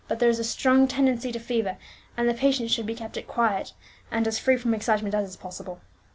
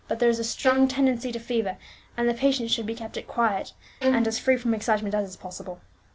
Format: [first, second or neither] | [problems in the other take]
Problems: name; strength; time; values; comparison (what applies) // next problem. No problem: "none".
first | background sound (Bowed string instrument); 4 dB below the speech